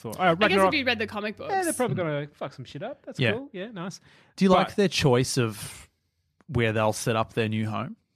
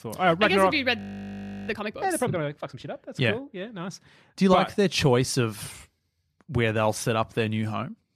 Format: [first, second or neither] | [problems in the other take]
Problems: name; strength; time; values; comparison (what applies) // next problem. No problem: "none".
first | audio freezing; at 1 s for 0.5 s